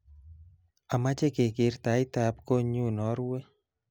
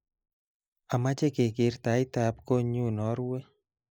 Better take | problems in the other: first | noise reduction (neural mask model Resemble Enhance denoiser)

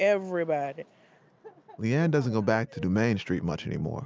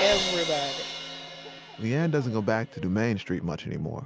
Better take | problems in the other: first | background sound (Crash cymbal); 6 dB below the speech

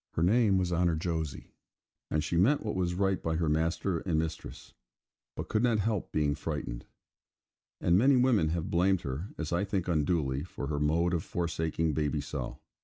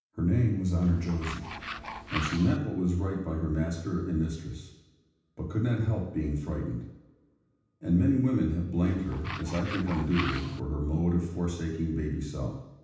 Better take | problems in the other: first | background sound (Tools); 9 dB below the speech // room echo; dies away in 0.9 s

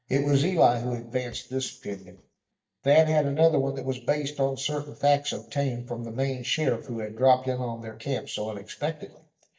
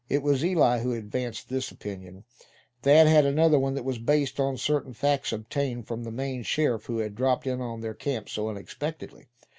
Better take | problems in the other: second | noise reduction (neural mask model DeepFilterNet 3)

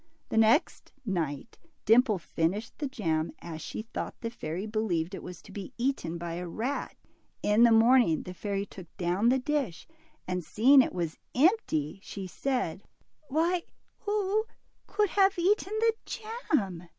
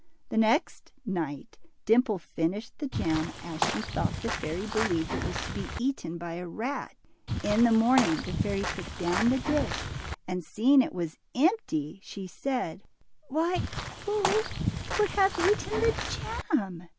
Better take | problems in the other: first | background sound (Walk, footsteps / Bird vocalization, bird call, bird song); 3 dB below the speech

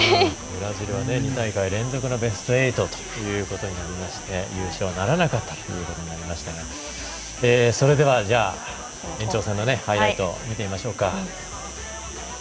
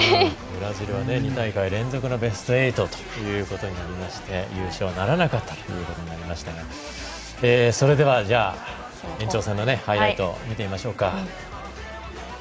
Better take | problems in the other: second | background sound (Insect); 16 dB below the speech

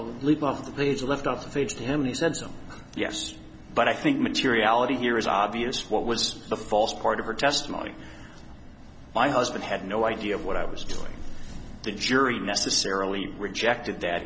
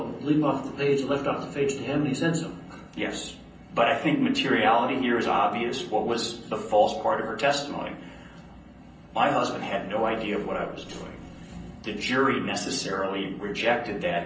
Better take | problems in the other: first | room echo; dies away in 0.6 s

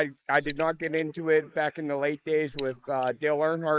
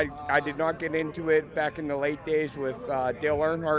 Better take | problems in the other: second | noise reduction (neural mask model Resemble Enhance denoiser)

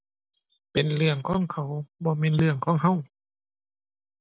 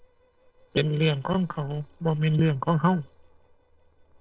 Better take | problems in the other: first | noise reduction (neural separator model SepFormer DNS4)

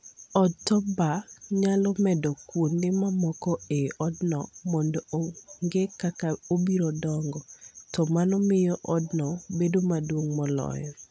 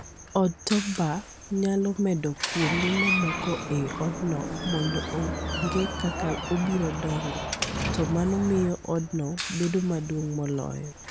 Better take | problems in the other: first | background sound (Door); 5 dB below the speech

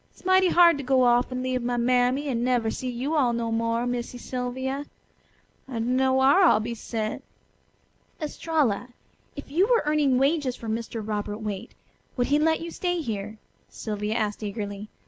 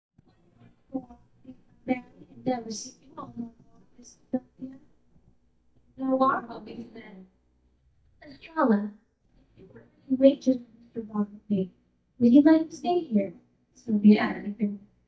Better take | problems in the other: first | noise reduction (neural mask model DeepFilterNet 3)

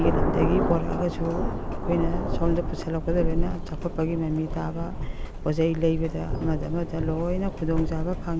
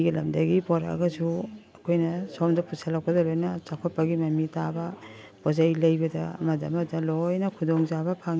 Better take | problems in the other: second | background sound (Thunder); as loud as the speech

